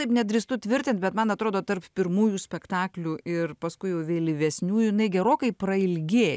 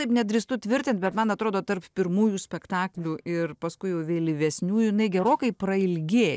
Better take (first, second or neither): first